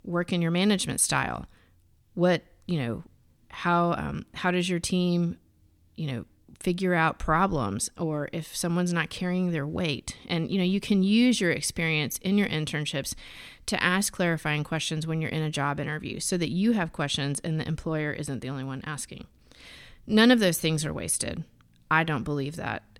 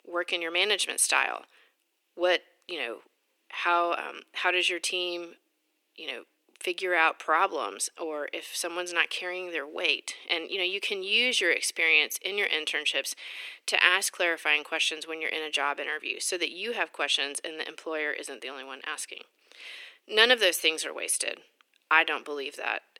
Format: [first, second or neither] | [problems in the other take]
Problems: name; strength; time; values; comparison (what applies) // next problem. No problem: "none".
first | thin; very; fading below 350 Hz